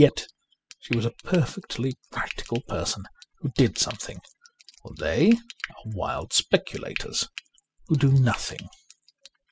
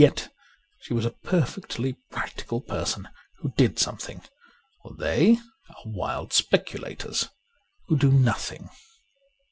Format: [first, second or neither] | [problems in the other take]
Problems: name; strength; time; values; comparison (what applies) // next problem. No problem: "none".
second | noise reduction (classical method spectral subtraction)